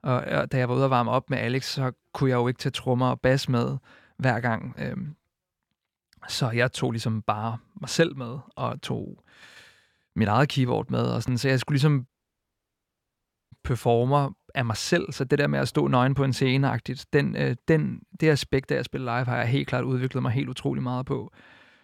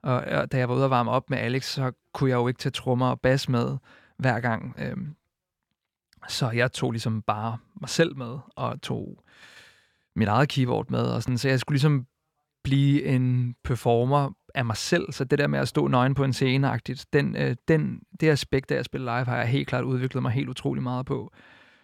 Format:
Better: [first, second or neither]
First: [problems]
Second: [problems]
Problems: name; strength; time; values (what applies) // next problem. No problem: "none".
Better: second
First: audio cutting out; at 12 s for 1.5 s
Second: none